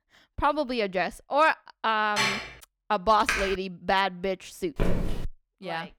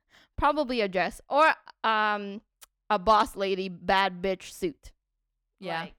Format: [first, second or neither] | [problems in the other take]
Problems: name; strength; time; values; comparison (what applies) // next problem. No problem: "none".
second | clattering dishes; loud; at 2 s; peak 1 dB above the speech // keyboard typing; noticeable; at 3.5 s; peak 1 dB below the speech // footsteps; noticeable; at 5 s; peak 3 dB below the speech